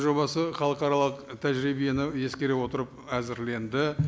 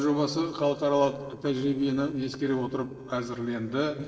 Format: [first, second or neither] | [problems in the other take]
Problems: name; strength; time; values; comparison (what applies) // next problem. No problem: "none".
first | noise reduction (neural separator model SepFormer DNS4)